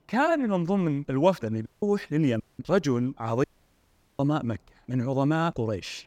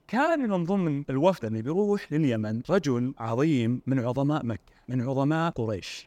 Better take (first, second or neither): second